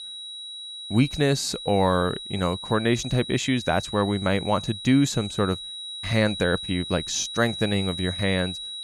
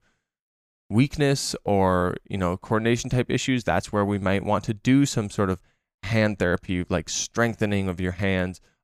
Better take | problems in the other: second | high-pitched whine; loud; throughout; 4 kHz, 9 dB below the speech

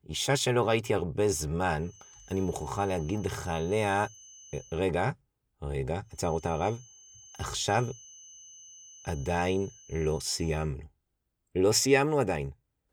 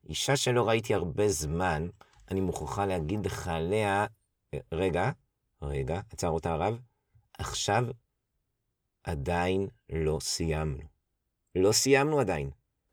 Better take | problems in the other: second | high-pitched whine; faint; from 2 to 4.5 s and from 6 to 11 s; 6 kHz, 20 dB below the speech

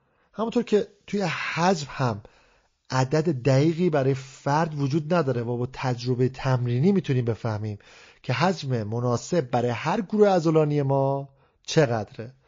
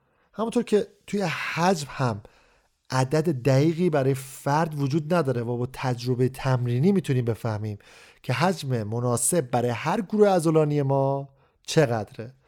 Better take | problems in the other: second | garbled, watery; slightly; nothing above 6 kHz

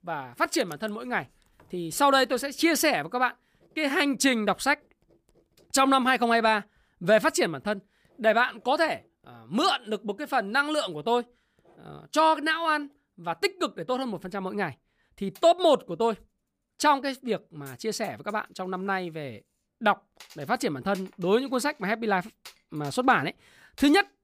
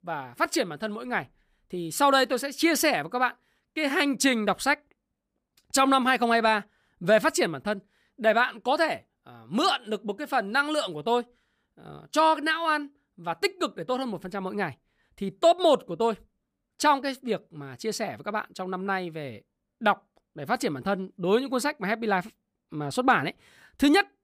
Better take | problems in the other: second | household noises; faint; throughout; 30 dB below the speech

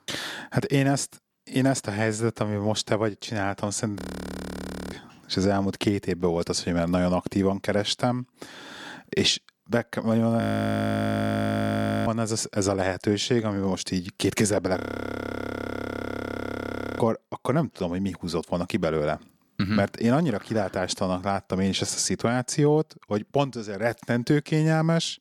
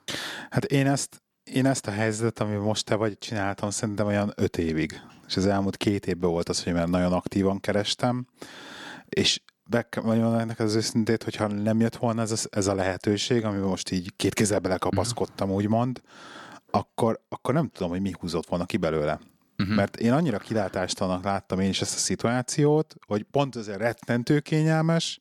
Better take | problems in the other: second | audio freezing; at 4 s for 1 s, at 10 s for 1.5 s and at 15 s for 2 s

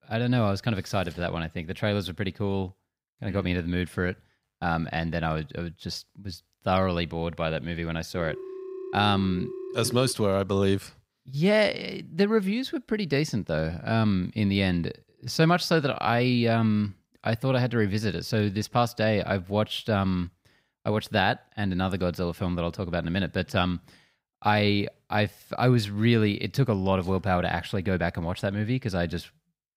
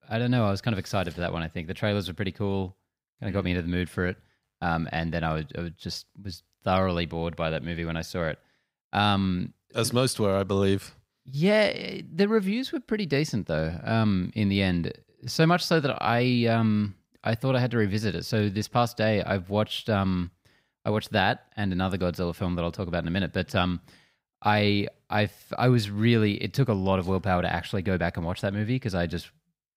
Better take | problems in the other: second | phone ringing; noticeable; from 8 to 10 s; peak 10 dB below the speech

